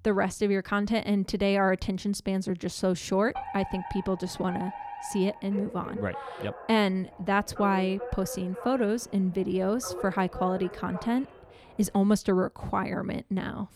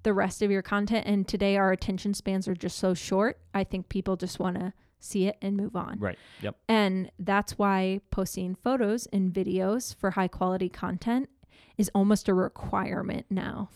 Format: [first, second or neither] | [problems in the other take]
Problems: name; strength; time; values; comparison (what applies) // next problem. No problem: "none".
second | alarm; noticeable; from 3.5 to 12 s; peak 9 dB below the speech